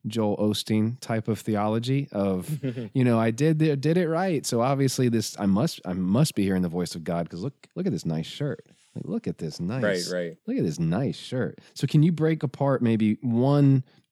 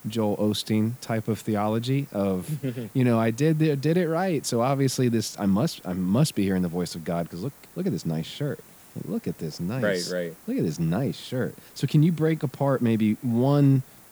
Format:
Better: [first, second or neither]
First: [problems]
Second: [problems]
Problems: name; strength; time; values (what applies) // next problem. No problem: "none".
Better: first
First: none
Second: hiss; faint; throughout; 25 dB below the speech